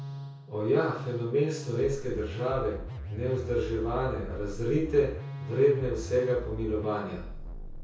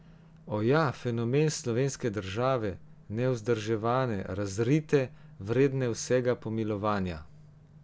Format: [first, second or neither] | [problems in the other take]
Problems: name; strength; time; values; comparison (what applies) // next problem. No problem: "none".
second | background sound (Musical instrument); 9 dB below the speech // room echo; dies away in 0.6 s